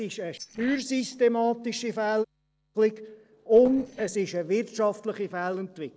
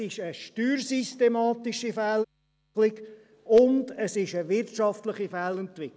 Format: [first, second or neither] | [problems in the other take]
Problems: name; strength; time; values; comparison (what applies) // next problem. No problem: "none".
second | noise reduction (neural separator model SepFormer DNS4)